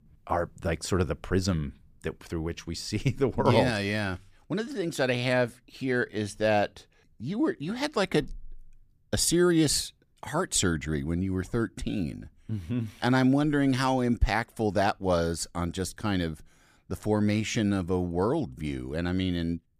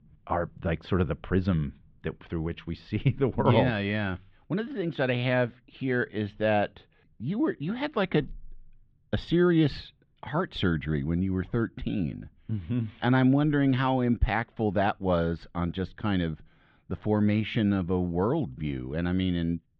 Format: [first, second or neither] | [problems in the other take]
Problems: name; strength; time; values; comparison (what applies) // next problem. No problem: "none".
first | muffled; very; fading above 3.5 kHz